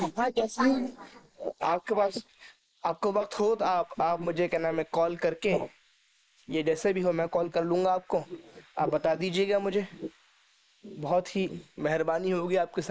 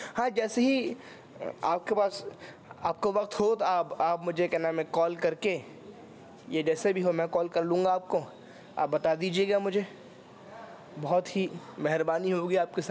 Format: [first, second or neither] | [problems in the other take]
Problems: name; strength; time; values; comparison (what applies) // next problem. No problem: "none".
second | noise reduction (neural mask model Resemble Enhance denoiser)